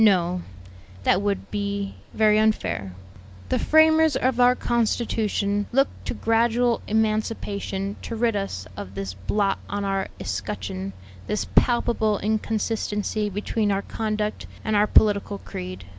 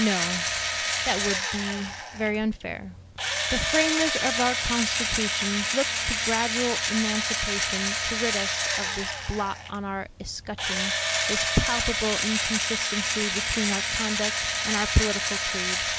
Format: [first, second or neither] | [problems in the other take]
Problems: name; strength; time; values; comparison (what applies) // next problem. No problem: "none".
first | background sound (Engine / Drill); 2 dB above the speech